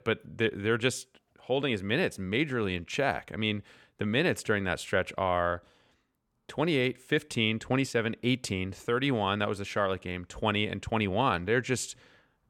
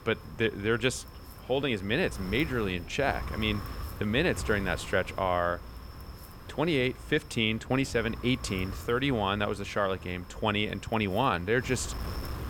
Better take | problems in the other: first | wind noise on the microphone; occasional gusts; 15 dB below the speech

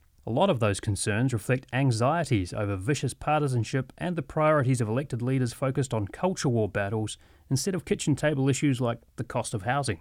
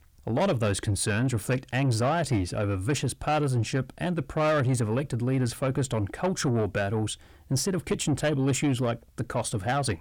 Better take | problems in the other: first | distortion; slight; 10 dB below the speech

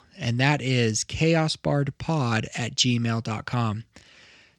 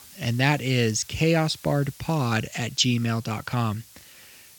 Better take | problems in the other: first | hiss; faint; throughout; 20 dB below the speech

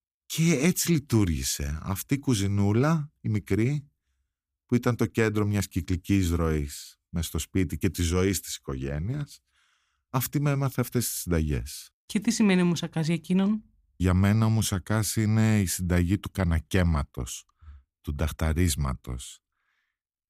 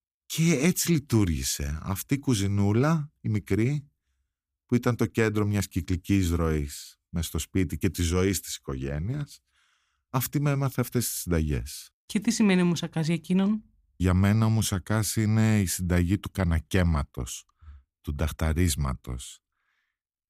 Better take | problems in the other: neither | none

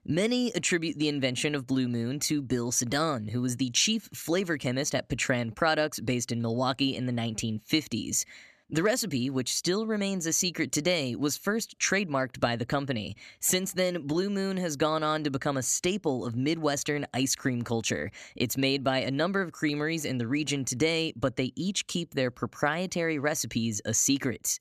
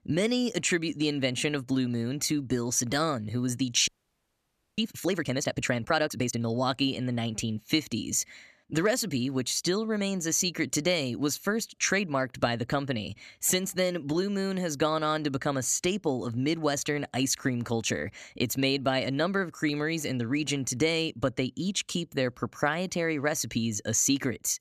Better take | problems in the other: first | audio freezing; at 4 s for 1 s

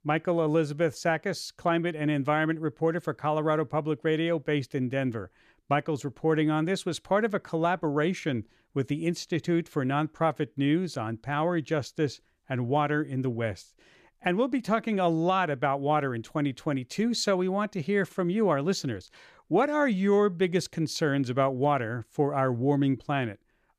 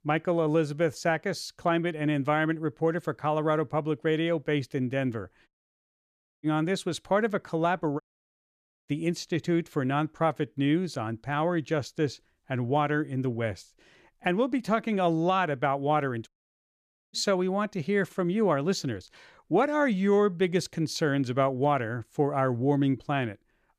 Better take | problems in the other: first | audio cutting out; at 5.5 s for 1 s, at 8 s for 1 s and at 16 s for 1 s

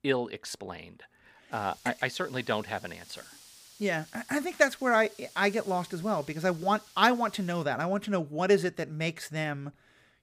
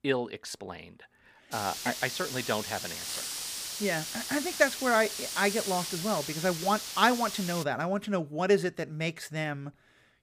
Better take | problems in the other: first | hiss; loud; from 1.5 to 7.5 s; 5 dB below the speech; faint in the first

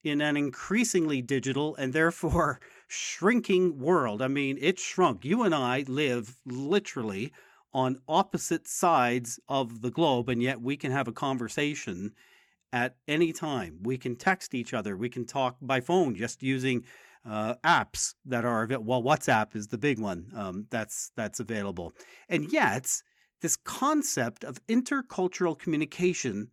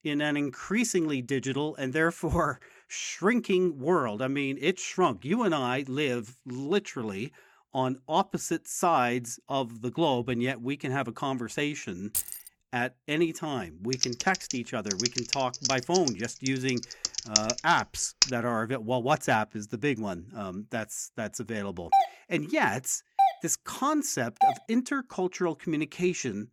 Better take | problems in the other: first | jangling keys; noticeable; at 12 s; peak 1 dB below the speech // keyboard typing; loud; from 14 to 18 s; peak 4 dB above the speech // doorbell; loud; from 22 to 25 s; peak 4 dB above the speech

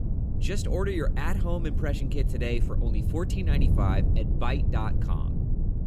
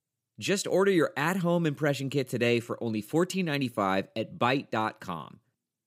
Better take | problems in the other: second | wind noise on the microphone; heavy; 6 dB below the speech

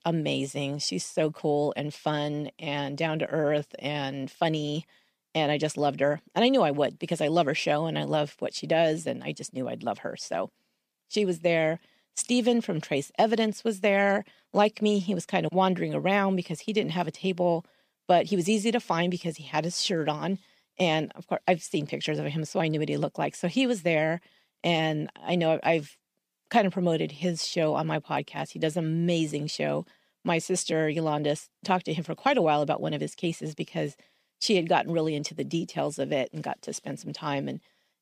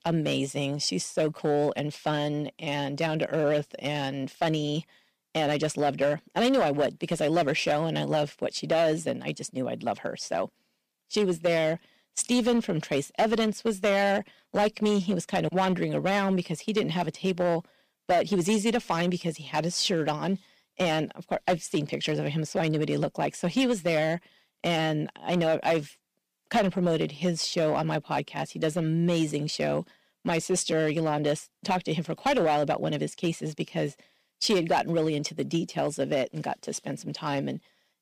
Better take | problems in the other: first | distortion; slight; 4% of the sound clipped

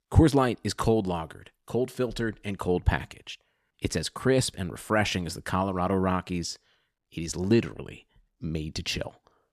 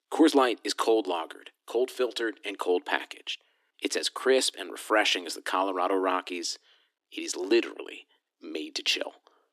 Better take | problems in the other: first | thin; somewhat; fading below 300 Hz

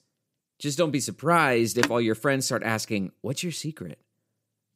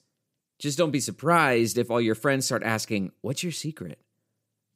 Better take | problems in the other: second | phone ringing; noticeable; at 2 s; peak 3 dB below the speech

